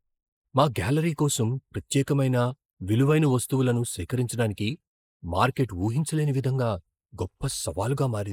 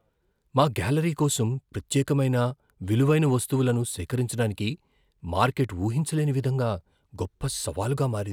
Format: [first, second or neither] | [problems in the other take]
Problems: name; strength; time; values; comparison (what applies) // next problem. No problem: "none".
second | noise reduction (neural mask model Resemble Enhance denoiser)